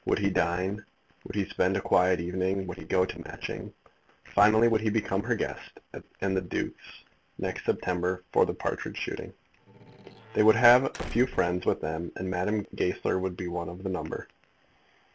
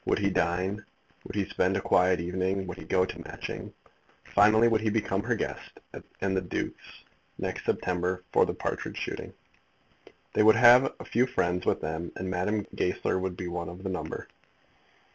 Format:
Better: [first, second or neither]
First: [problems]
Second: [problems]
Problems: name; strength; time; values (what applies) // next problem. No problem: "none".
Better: second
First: background sound (Squeak / Slam / Wood); 14 dB below the speech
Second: none